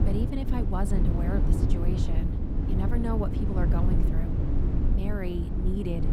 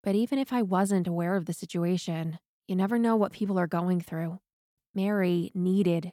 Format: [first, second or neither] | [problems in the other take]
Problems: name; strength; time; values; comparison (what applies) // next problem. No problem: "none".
second | low rumble; loud; throughout; 1 dB below the speech